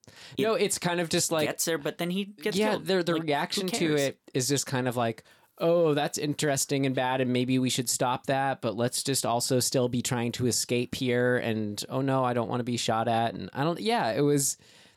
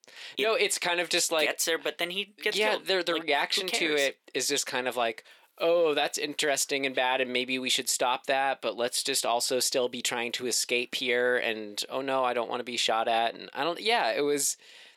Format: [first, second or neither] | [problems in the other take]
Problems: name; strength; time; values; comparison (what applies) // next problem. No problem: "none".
first | thin; somewhat; fading below 450 Hz